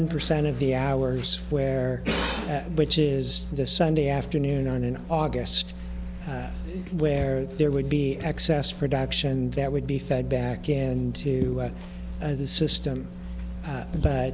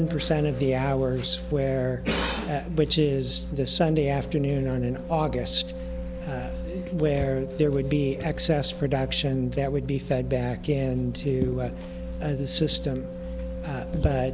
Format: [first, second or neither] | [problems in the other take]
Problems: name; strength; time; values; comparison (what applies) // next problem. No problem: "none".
first | background sound (Wind instrument, woodwind instrument); 14 dB below the speech